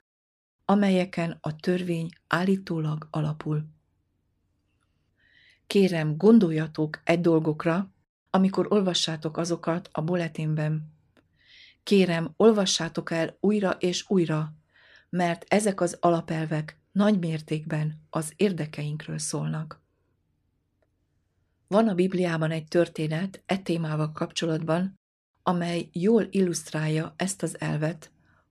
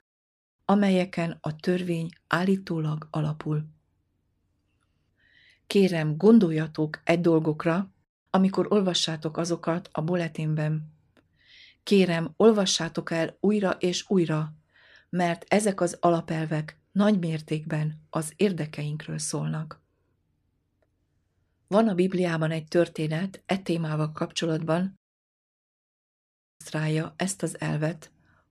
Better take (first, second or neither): first